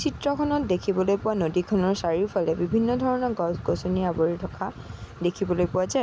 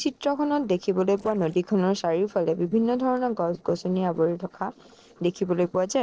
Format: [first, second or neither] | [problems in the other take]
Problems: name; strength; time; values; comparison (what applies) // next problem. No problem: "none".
first | noise reduction (neural separator model SepFormer DNS4)